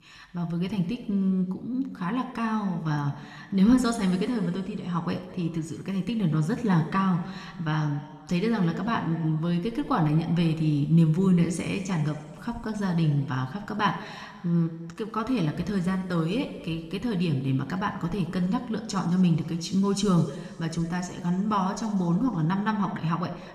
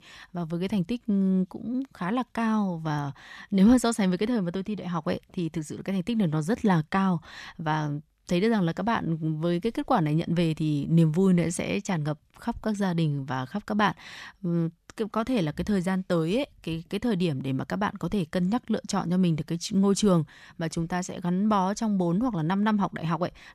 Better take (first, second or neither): second